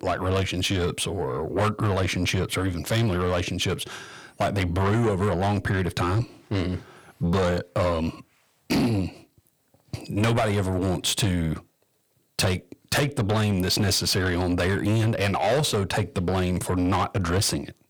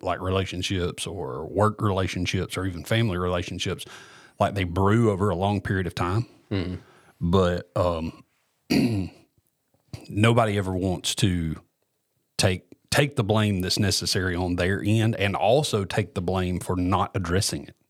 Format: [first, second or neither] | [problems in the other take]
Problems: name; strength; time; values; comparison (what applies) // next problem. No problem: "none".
second | distortion; heavy; 7 dB below the speech